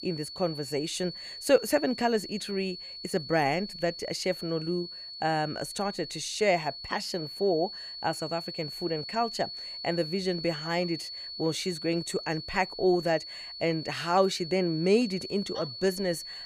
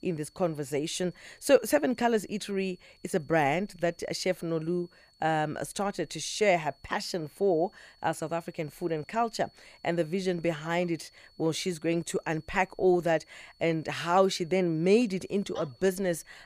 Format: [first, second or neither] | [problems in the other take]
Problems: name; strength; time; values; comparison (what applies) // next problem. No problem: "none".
second | high-pitched whine; loud; throughout; 4.5 kHz, 8 dB below the speech; faint in the second